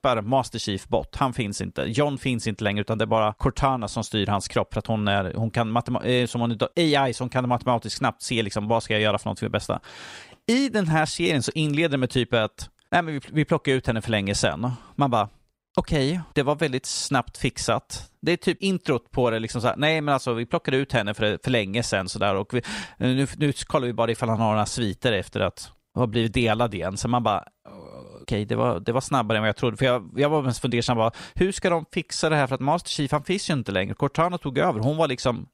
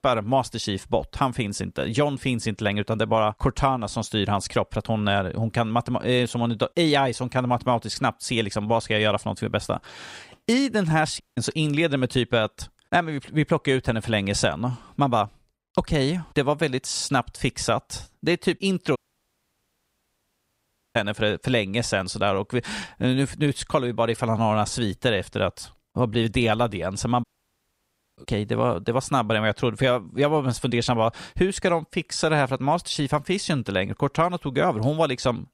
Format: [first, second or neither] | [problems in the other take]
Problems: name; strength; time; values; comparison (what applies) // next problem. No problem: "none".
first | audio cutting out; at 11 s, at 19 s for 2 s and at 27 s for 1 s